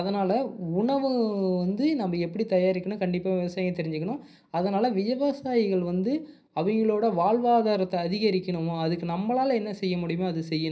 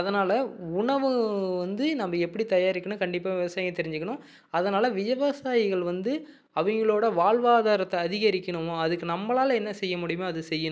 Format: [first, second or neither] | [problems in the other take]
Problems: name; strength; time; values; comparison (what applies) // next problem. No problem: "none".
second | room echo; dies away in 0.4 s